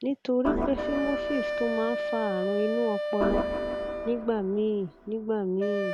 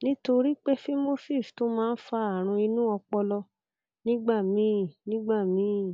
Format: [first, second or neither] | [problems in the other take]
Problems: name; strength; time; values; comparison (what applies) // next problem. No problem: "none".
second | background sound (Organ + Wind instrument, woodwind instrument); 2 dB below the speech